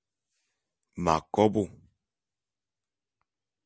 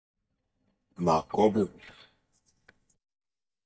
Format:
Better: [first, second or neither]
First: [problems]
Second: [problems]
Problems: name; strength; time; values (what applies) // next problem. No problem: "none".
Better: first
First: none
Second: noise reduction (neural mask model DeepFilterNet 3)